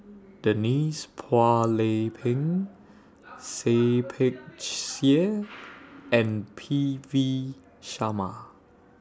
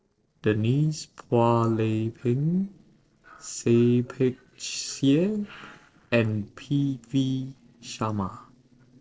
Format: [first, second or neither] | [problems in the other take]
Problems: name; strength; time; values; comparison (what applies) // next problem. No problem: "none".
first | noise reduction (neural separator model SepFormer DNS4)